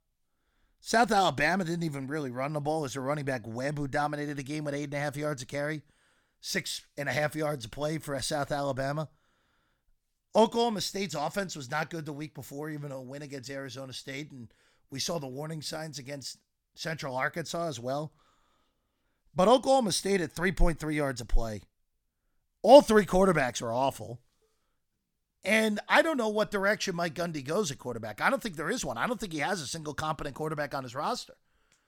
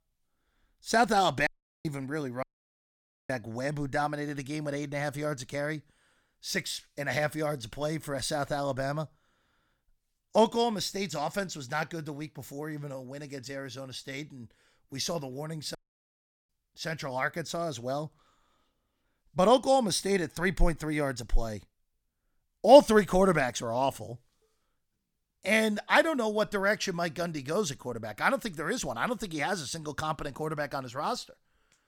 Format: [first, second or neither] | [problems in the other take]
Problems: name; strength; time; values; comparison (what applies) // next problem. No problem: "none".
first | audio cutting out; at 1.5 s, at 2.5 s for 1 s and at 16 s for 0.5 s